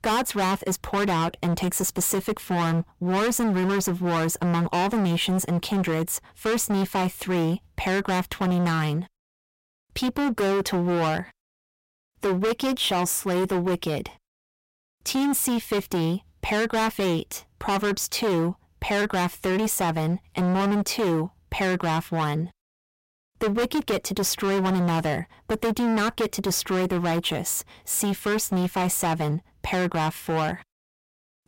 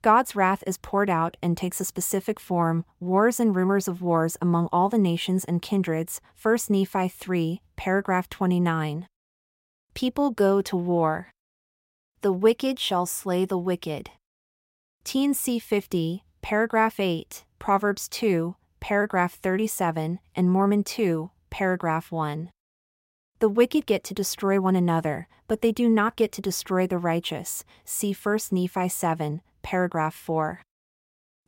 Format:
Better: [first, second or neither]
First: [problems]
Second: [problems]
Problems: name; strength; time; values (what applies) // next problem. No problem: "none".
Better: second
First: distortion; heavy; 25% of the sound clipped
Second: none